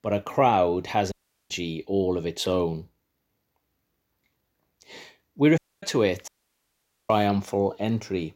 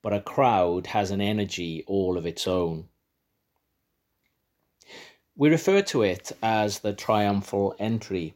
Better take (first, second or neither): second